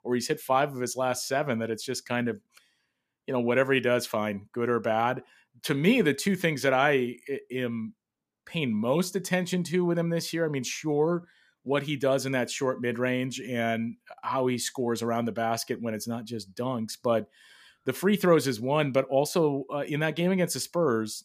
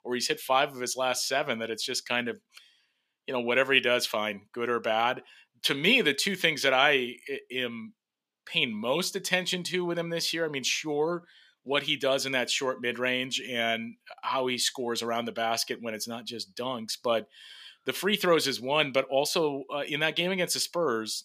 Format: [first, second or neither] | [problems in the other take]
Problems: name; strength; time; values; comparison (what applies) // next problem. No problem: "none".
first | thin; very slightly; fading below 450 Hz